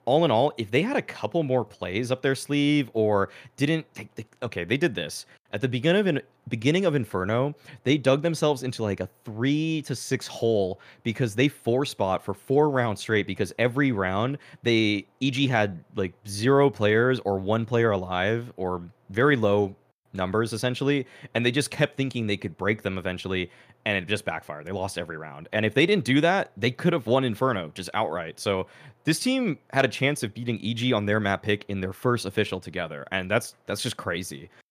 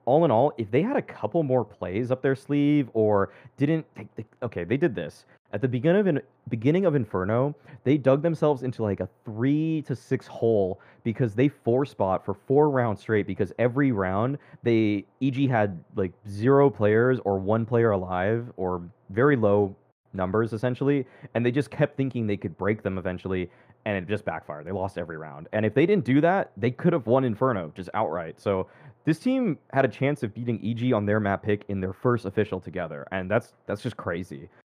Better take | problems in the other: first | muffled; very; fading above 2.5 kHz

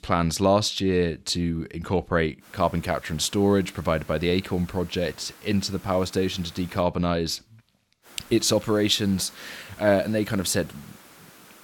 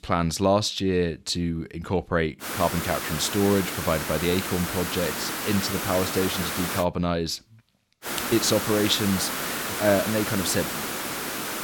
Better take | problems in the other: first | hiss; loud; from 2.5 to 7 s and from 8 s on; 3 dB below the speech; faint in the first

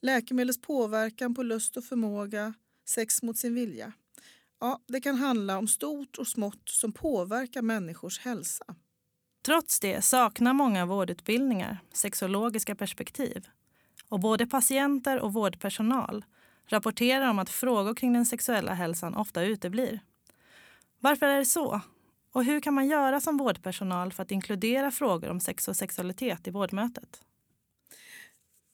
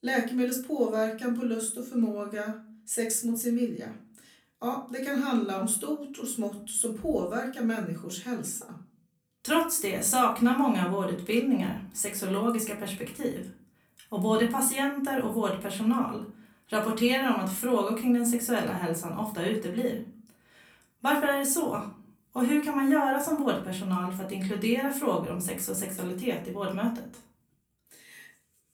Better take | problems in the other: first | off-mic speech; far // room echo; slight; dies away in 0.3 s

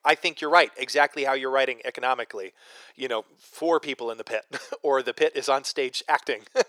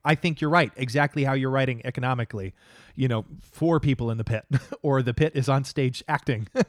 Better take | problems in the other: second | thin; very; fading below 400 Hz

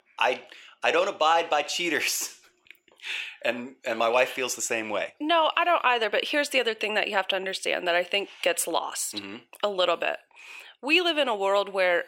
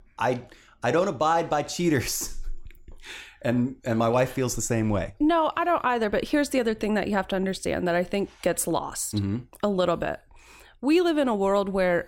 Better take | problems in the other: second | thin; somewhat; fading below 550 Hz

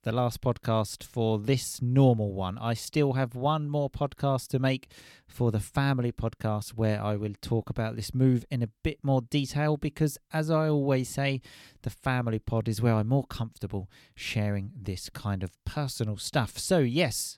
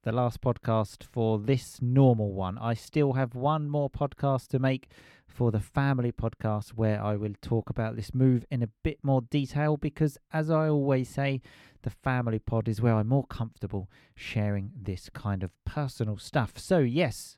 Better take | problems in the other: first | muffled; slightly; fading above 3 kHz

